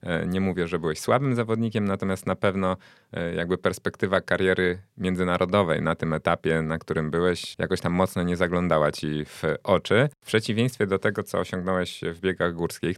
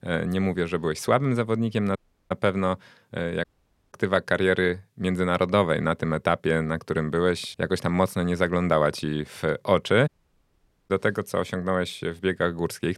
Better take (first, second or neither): first